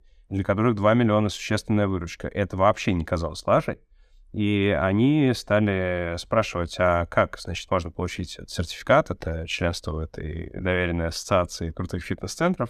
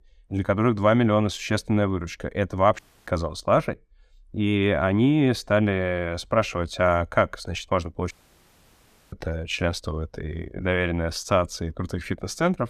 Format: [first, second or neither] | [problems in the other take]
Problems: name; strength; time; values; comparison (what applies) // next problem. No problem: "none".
first | audio cutting out; at 3 s and at 8 s for 1 s